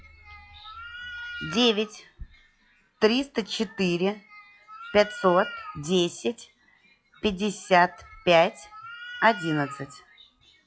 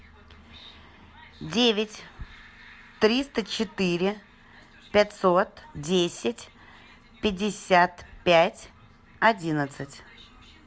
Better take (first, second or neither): second